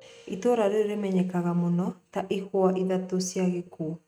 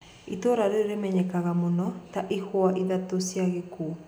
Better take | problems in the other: second | noise reduction (neural mask model RNNoise)

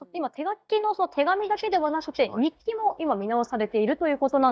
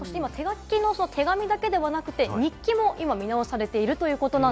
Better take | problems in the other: second | noise reduction (neural mask model DeepFilterNet 3)

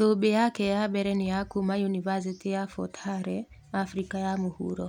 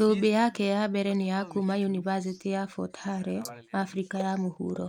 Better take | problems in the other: first | noise reduction (neural mask model Resemble Enhance denoiser)

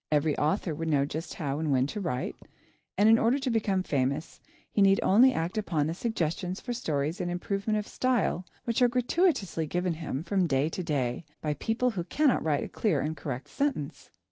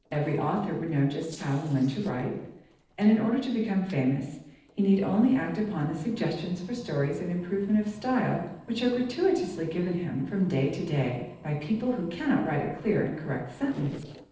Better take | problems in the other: first | noise reduction (neural separator model SepFormer DNS4)

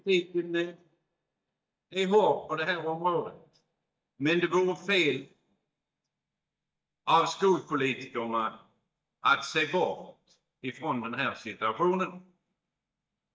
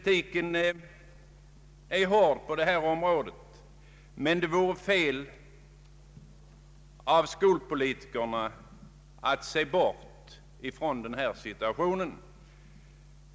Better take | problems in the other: second | noise reduction (neural mask model DeepFilterNet 3)

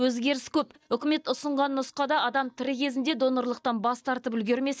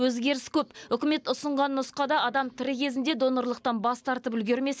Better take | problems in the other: second | noise reduction (neural mask model DeepFilterNet 3)

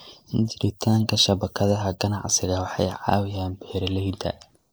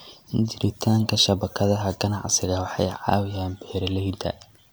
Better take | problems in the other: second | noise reduction (neural mask model Resemble Enhance denoiser)

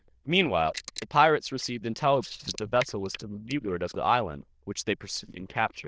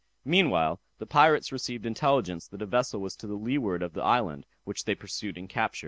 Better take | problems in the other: second | noise reduction (neural diffusion model UNIVERSE++)

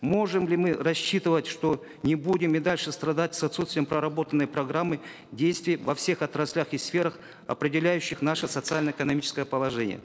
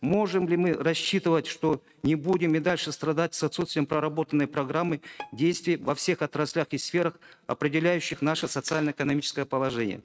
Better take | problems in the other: first | noise reduction (neural mask model RNNoise)

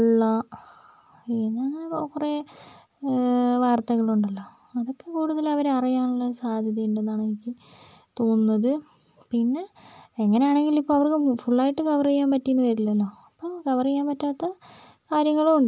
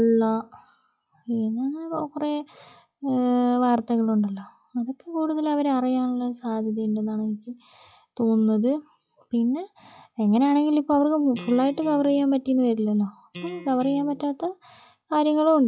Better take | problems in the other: first | noise reduction (classical method log-MMSE)

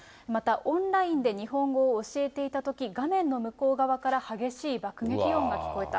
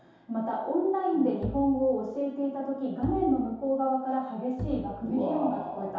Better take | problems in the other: first | background sound (Bowed string instrument); 12 dB below the speech // room echo; dies away in 0.8 s

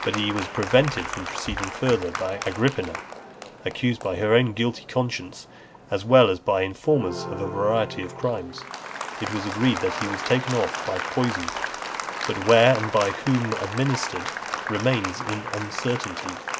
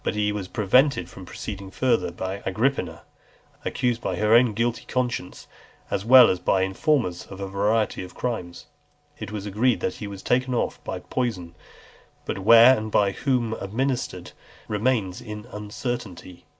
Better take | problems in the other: second | background sound (Applause); 8 dB below the speech

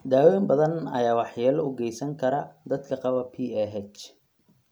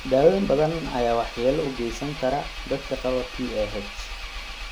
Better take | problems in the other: first | background sound (Engine); 10 dB below the speech

